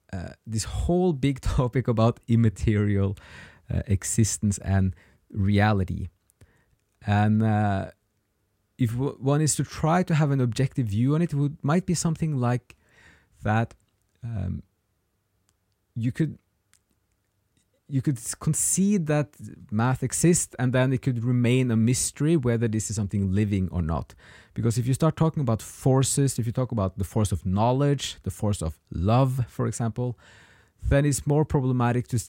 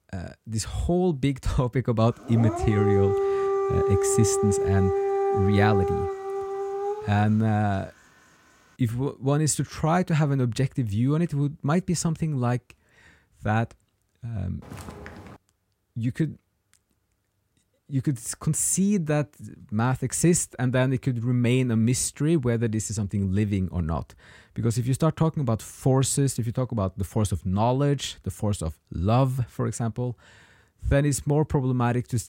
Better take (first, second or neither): first